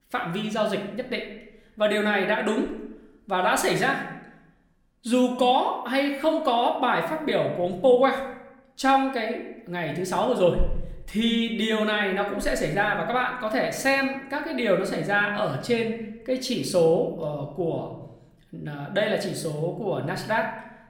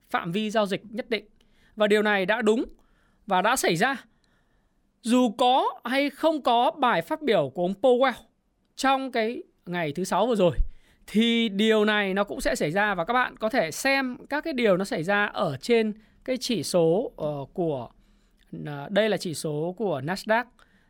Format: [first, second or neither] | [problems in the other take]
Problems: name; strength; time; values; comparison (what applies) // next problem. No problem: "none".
second | room echo; slight; dies away in 0.7 s // off-mic speech; somewhat distant